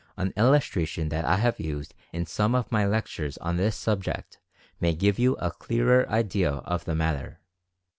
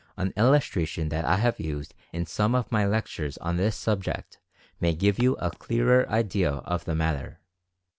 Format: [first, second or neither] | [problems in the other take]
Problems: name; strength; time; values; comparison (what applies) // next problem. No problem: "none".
first | background sound (Walk, footsteps); 18 dB below the speech